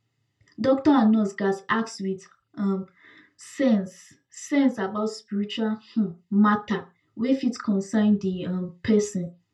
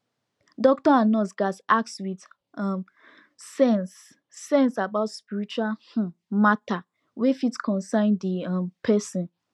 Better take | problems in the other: second | room echo; dies away in 0.2 s

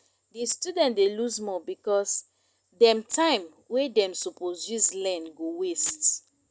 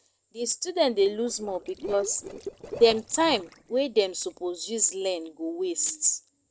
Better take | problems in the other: first | noise reduction (neural separator model SepFormer DNS4)

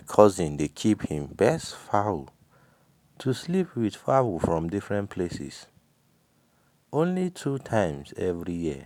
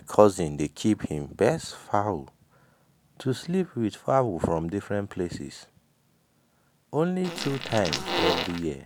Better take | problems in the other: first | background sound (Fart); 2 dB below the speech

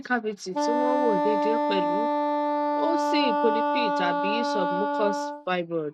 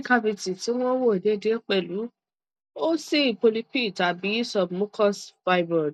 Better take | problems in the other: second | background sound (Wind instrument, woodwind instrument); 4 dB above the speech

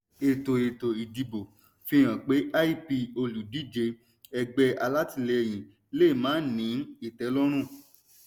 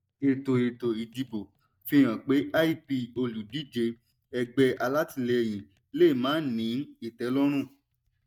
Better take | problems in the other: first | noise reduction (neural mask model DeepFilterNet 3)

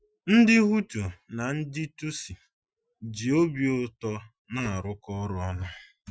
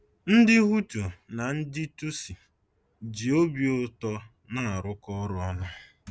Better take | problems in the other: second | noise reduction (classical method Wiener filter)

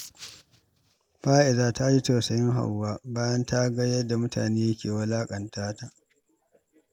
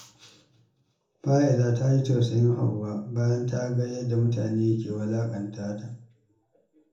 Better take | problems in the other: first | room echo; dies away in 1 s

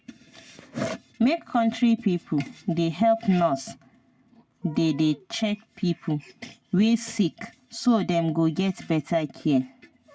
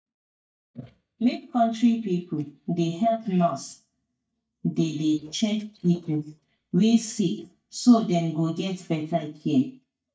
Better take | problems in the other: first | noise reduction (neural mask model DeepFilterNet 3)

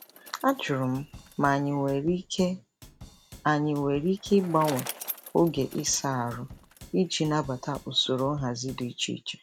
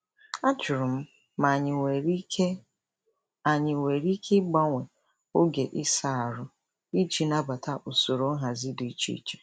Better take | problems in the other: second | background sound (Bicycle + Drum / Drum kit); 17 dB below the speech

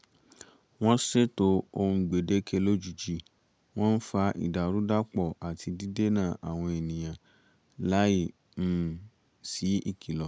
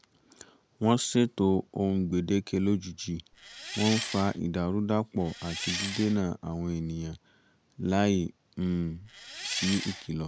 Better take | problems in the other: first | background sound (Engine); 7 dB below the speech

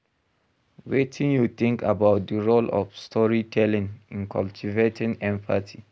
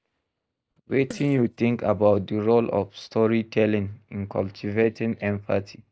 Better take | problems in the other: first | noise reduction (neural mask model DeepFilterNet 3)

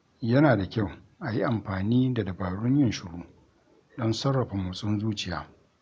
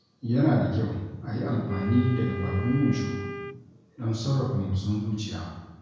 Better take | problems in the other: first | background sound (Wind instrument, woodwind instrument); 12 dB below the speech // room echo; dies away in 1 s

